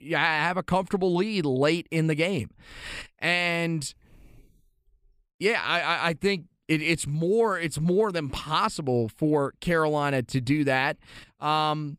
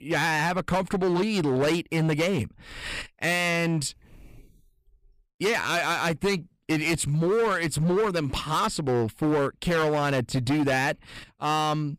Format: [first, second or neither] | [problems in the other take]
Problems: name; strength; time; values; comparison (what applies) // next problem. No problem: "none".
first | distortion; heavy; 15% of the sound clipped